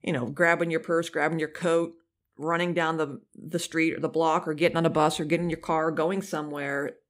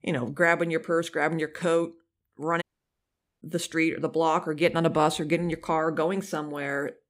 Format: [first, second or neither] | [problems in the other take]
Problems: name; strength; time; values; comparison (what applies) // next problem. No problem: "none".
first | audio cutting out; at 2.5 s for 1 s